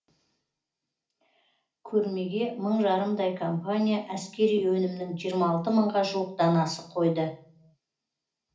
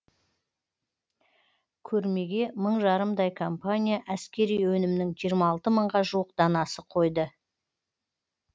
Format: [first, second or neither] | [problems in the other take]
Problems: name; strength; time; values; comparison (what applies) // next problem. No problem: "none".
second | room echo; dies away in 0.4 s